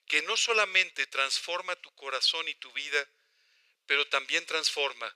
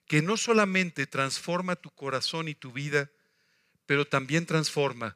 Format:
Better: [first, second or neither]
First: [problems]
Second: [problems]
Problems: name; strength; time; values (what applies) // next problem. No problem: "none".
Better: second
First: thin; very; fading below 450 Hz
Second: none